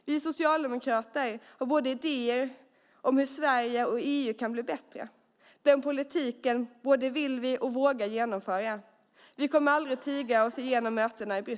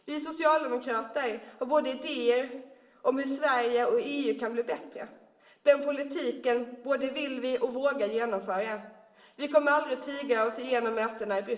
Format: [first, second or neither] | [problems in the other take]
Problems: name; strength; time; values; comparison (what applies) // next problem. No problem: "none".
first | room echo; dies away in 0.9 s